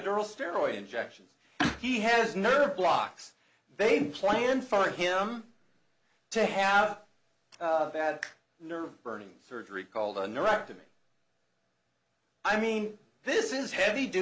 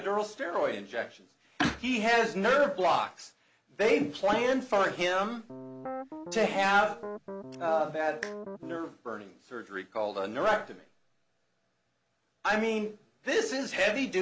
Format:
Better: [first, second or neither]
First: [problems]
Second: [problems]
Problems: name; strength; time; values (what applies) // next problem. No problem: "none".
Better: first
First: none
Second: background sound (Piano); 11 dB below the speech